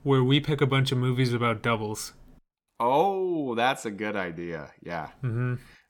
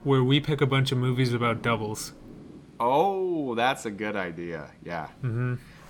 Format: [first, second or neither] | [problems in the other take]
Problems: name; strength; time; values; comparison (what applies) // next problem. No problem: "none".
first | rain or running water; faint; throughout; 20 dB below the speech